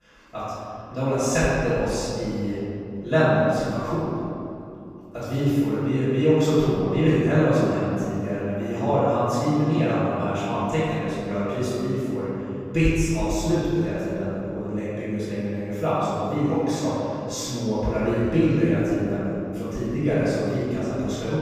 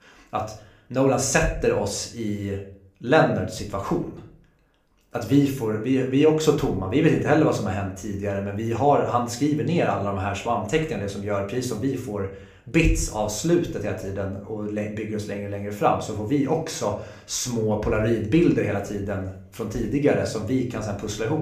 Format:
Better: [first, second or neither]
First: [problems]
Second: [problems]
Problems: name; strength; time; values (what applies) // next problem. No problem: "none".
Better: second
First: room echo; strong; dies away in 2.6 s // off-mic speech; far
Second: room echo; slight; dies away in 0.4 s // off-mic speech; somewhat distant